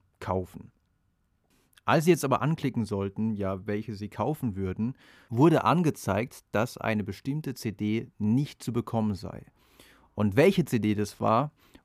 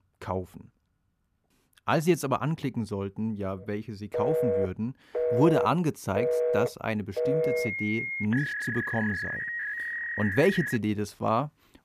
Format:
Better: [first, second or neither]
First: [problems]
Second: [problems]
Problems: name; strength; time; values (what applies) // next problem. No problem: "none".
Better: first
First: none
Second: alarms or sirens; loud; from 4 s on; as loud as the speech